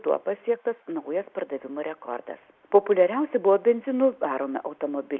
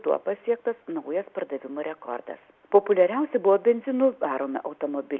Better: second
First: noise reduction (neural mask model Resemble Enhance denoiser)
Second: none

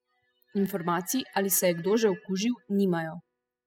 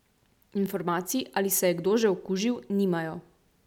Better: second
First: noise reduction (classical method spectral subtraction)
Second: none

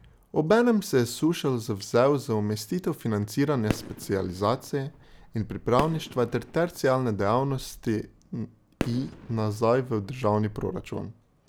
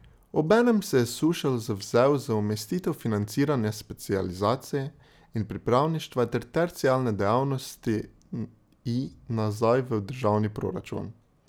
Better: second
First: background sound (Fireworks); 13 dB below the speech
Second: none

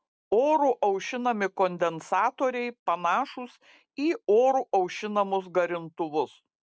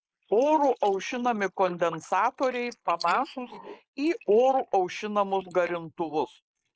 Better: first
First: none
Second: noise reduction (neural mask model Resemble Enhance denoiser)

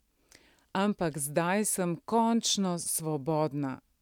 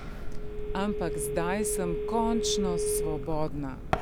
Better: first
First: none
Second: background sound (Telephone); 2 dB above the speech

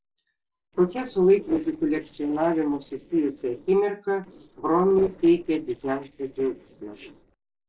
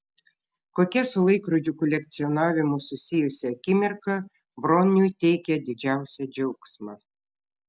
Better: second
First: noise reduction (neural separator model SepFormer DNS4)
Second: none

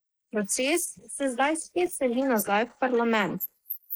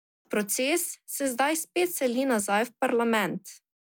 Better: second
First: noise reduction (neural mask model Resemble Enhance denoiser)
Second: none

